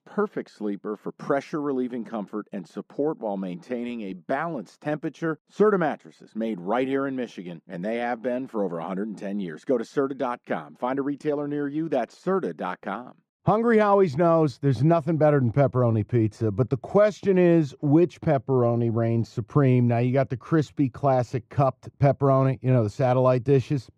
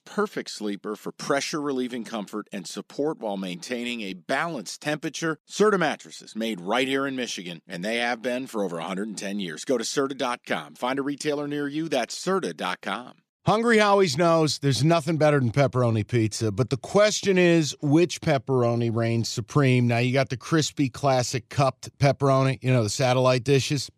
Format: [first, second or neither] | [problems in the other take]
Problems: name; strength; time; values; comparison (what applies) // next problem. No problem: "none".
second | muffled; very; fading above 2 kHz